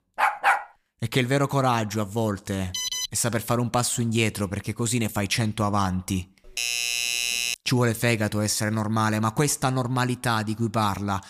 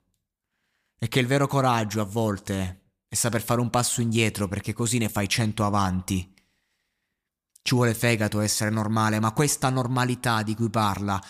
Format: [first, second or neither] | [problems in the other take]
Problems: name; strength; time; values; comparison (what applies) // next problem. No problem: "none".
second | dog barking; loud; at the start; peak 4 dB above the speech // alarm; noticeable; at 2.5 s; peak 2 dB below the speech // doorbell; loud; from 6.5 to 7.5 s; peak 2 dB above the speech